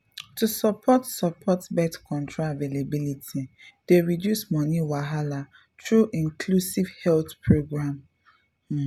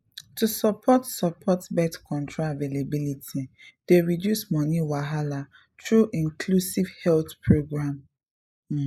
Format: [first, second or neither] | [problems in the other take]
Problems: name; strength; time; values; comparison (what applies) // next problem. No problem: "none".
first | noise reduction (neural mask model Resemble Enhance denoiser)